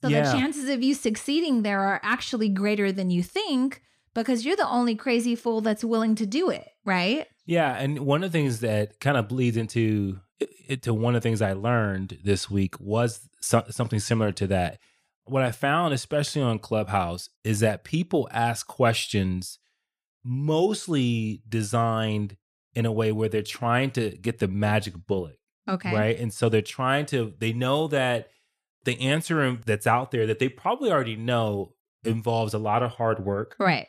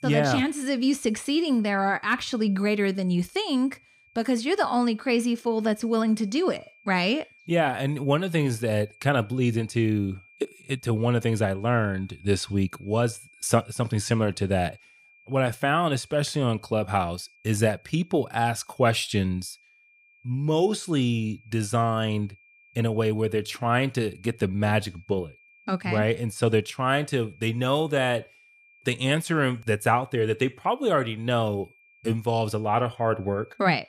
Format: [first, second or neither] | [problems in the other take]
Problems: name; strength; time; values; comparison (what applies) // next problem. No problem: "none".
first | high-pitched whine; faint; throughout; 2.5 kHz, 30 dB below the speech